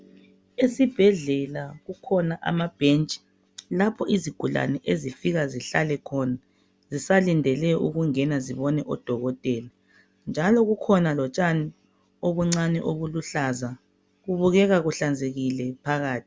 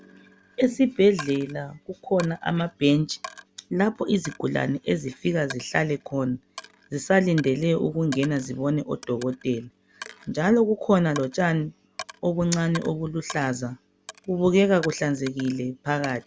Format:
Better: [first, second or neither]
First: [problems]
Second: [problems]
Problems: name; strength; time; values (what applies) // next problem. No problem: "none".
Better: first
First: none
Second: background sound (Coin (dropping)); 19 dB below the speech